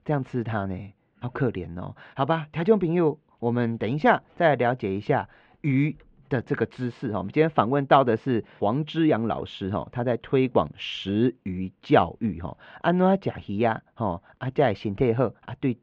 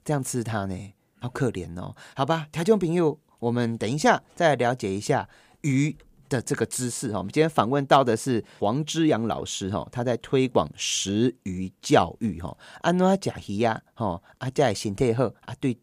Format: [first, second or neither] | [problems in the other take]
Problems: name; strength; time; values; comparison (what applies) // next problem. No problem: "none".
second | muffled; very; fading above 3 kHz